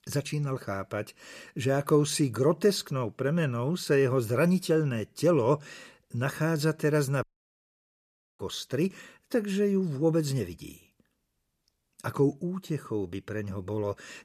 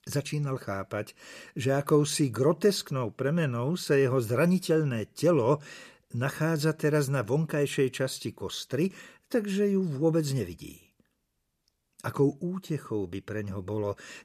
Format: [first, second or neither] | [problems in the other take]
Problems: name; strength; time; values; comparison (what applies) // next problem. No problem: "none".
second | audio cutting out; at 7 s for 1 s